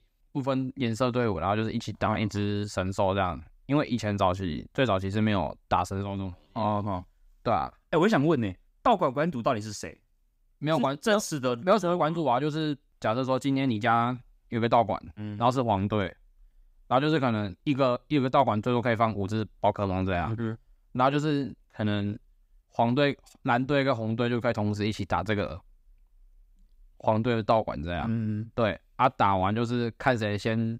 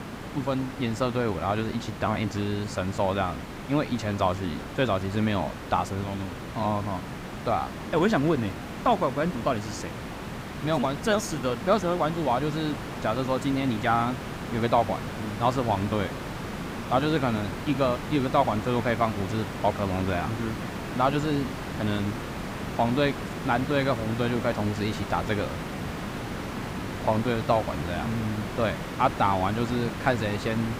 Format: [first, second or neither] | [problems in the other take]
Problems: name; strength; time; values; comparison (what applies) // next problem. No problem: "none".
first | hiss; loud; throughout; 7 dB below the speech